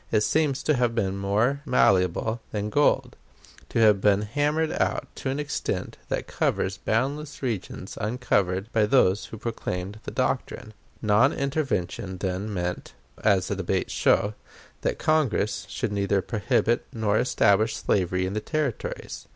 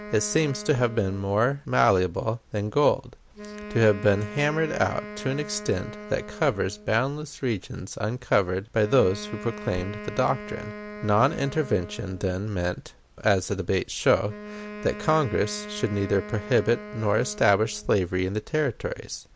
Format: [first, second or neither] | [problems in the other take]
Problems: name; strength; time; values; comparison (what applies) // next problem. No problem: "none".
first | background sound (Wind instrument, woodwind instrument); 15 dB below the speech